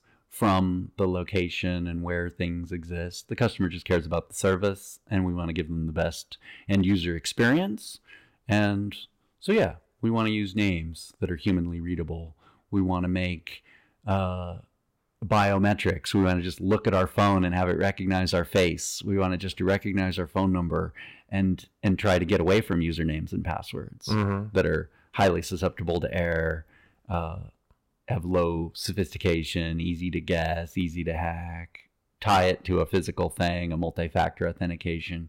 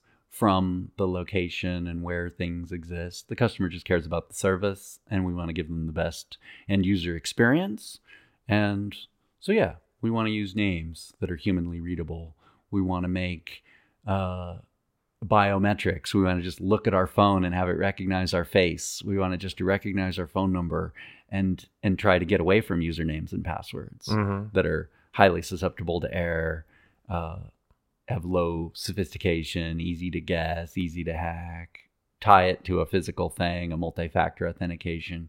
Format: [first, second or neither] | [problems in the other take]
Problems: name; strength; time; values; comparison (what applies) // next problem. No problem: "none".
second | distortion; slight; 2% of the sound clipped